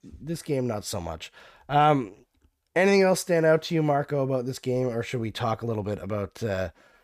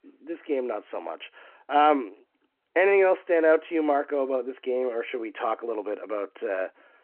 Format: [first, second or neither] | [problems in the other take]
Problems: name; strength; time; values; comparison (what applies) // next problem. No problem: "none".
first | phone-call audio